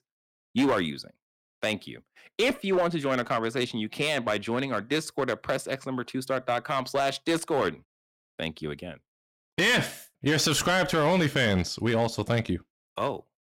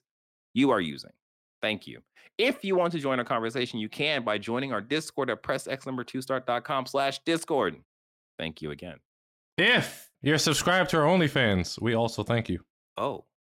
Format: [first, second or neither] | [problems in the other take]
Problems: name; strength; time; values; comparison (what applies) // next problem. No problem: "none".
second | distortion; slight; 5% of the sound clipped